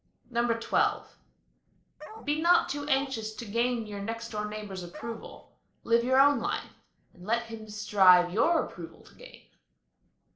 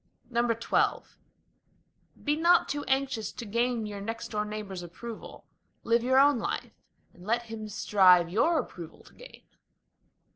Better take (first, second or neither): second